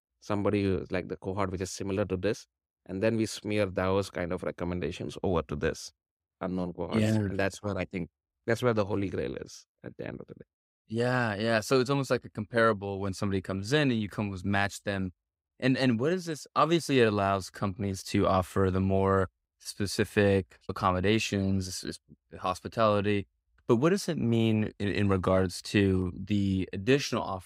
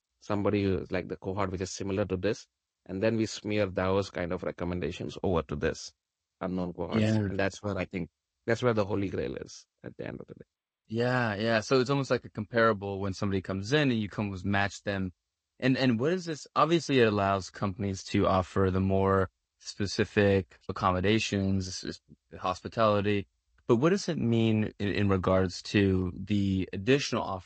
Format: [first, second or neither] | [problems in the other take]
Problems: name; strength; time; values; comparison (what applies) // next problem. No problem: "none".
first | garbled, watery; slightly; nothing above 7.5 kHz